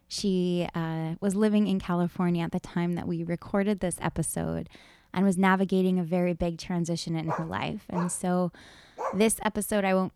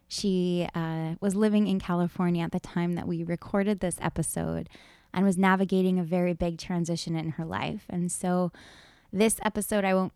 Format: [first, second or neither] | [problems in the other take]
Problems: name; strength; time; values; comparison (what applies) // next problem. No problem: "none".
second | dog barking; noticeable; from 7.5 to 9 s; peak 8 dB below the speech